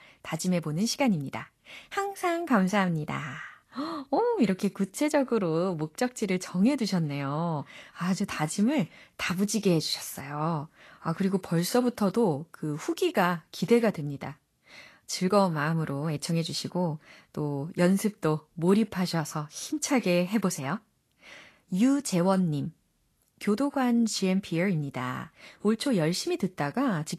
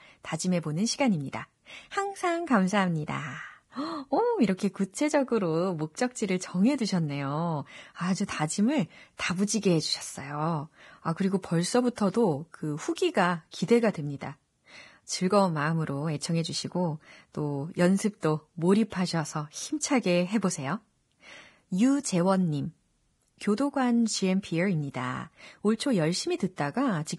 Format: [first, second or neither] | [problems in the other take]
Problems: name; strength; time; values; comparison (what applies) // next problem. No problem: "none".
first | garbled, watery; badly; nothing above 10.5 kHz; slightly in the first